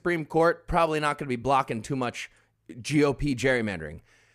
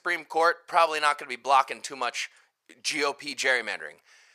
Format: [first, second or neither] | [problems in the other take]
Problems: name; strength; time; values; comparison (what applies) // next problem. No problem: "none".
first | thin; very; fading below 850 Hz